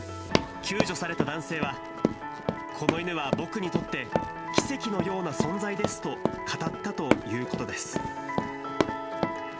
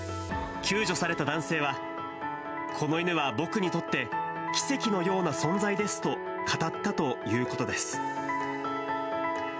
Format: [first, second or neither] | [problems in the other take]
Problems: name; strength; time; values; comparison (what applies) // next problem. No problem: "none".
second | background sound (Run); as loud as the speech